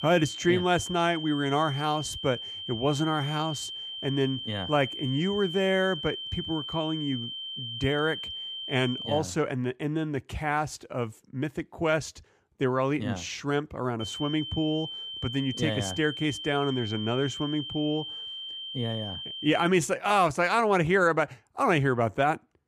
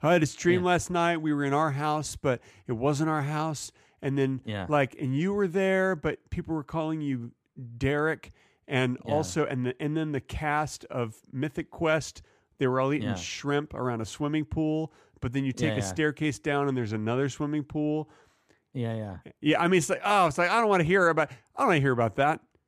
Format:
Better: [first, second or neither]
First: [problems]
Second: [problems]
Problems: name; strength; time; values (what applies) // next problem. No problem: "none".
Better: second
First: high-pitched whine; loud; until 9 s and from 14 to 20 s; 3 kHz, 7 dB below the speech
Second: none